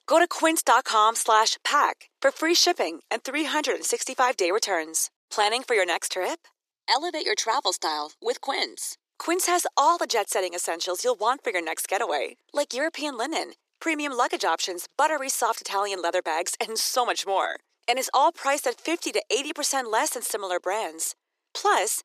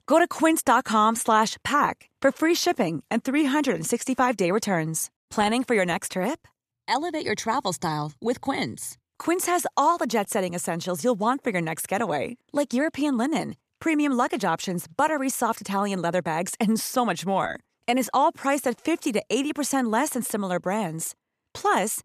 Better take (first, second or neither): second